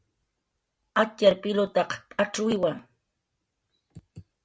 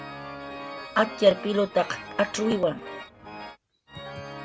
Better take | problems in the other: first | background sound (Organ); 12 dB below the speech

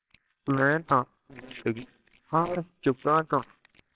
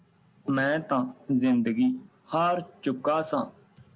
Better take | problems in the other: second | noise reduction (neural separator model SepFormer WHAMR!)

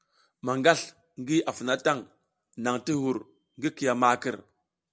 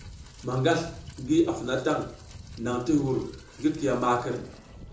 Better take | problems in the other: first | background sound (Rain); 17 dB below the speech // room echo; dies away in 0.6 s

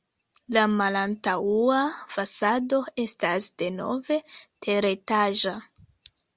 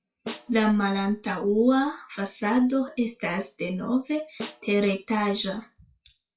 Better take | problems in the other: first | noise reduction (classical method WPE with log-MMSE)

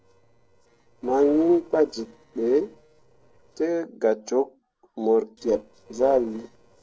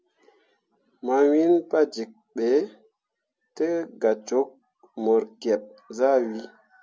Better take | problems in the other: second | noise reduction (neural separator model SepFormer DNS4)

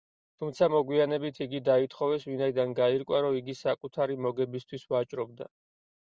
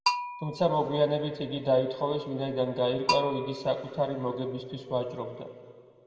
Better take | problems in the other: first | background sound (Bell); 8 dB below the speech // room echo; dies away in 2.2 s

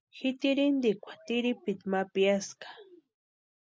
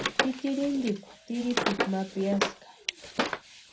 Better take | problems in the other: first | background sound (Wood); 1 dB below the speech // room echo; dies away in 0.2 s

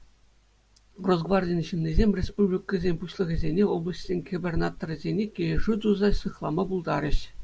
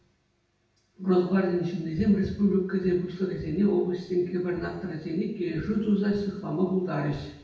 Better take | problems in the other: first | room echo; dies away in 0.8 s

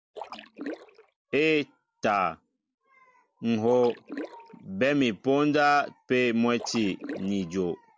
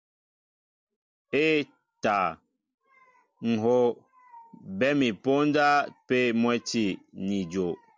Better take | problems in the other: second | background sound (Splash, splatter); 14 dB below the speech

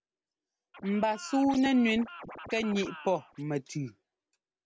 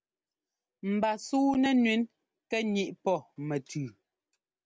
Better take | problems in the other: second | background sound (Scratching (performance technique)); 16 dB below the speech

